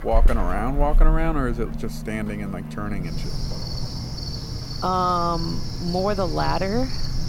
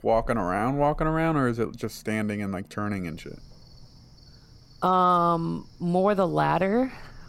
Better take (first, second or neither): second